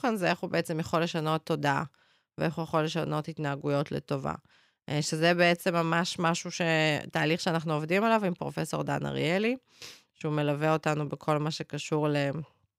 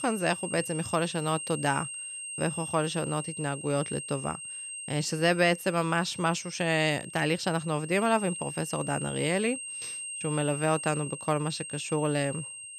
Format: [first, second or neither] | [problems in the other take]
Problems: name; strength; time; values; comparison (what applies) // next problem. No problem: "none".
first | high-pitched whine; loud; throughout; 8.5 kHz, 8 dB below the speech